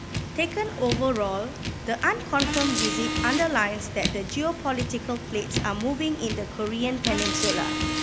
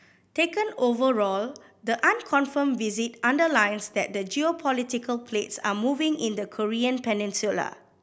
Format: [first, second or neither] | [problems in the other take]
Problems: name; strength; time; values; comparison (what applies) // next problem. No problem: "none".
second | background sound (Car); 2 dB below the speech